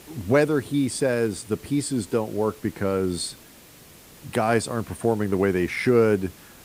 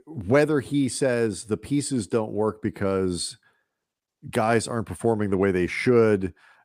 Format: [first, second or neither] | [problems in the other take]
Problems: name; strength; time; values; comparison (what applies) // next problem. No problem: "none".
second | hiss; faint; throughout; 20 dB below the speech